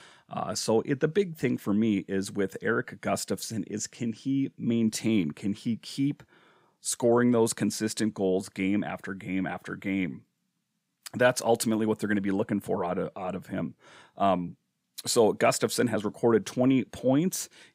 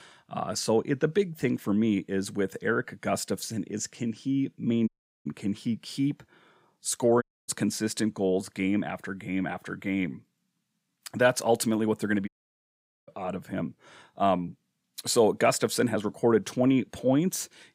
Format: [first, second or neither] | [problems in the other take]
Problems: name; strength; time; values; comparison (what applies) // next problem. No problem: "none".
first | audio cutting out; at 5 s, at 7 s and at 12 s for 1 s